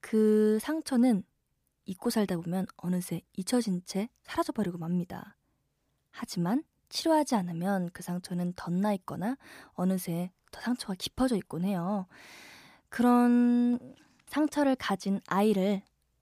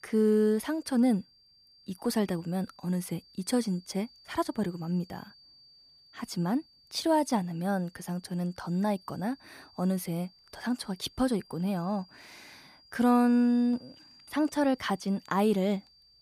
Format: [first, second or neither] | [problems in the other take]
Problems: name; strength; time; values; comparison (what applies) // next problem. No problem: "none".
first | high-pitched whine; faint; throughout; 4.5 kHz, 25 dB below the speech